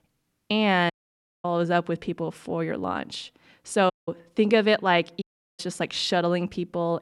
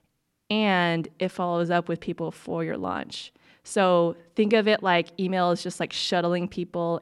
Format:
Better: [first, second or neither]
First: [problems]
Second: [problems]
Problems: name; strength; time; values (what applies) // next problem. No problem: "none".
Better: second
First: audio cutting out; at 1 s for 0.5 s, at 4 s and at 5 s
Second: none